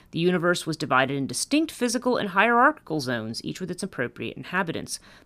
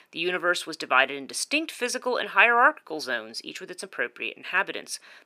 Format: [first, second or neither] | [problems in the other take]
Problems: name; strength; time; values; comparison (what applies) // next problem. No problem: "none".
first | thin; somewhat; fading below 500 Hz